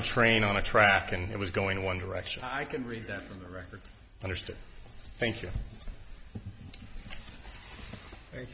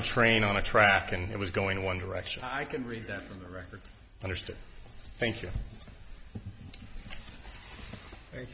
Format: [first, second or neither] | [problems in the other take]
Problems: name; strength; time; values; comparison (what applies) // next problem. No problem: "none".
second | background sound (Bird); 20 dB below the speech